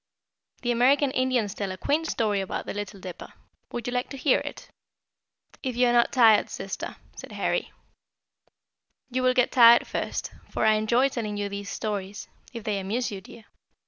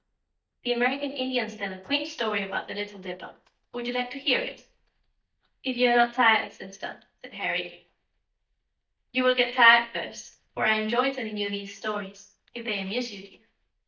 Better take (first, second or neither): first